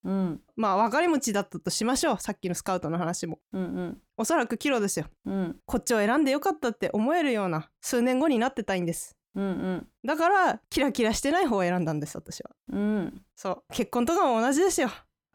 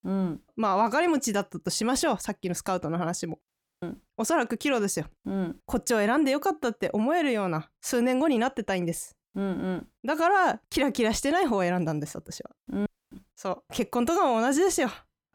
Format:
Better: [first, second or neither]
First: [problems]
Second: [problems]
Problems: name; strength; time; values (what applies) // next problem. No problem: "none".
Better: first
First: none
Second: audio cutting out; at 3.5 s and at 13 s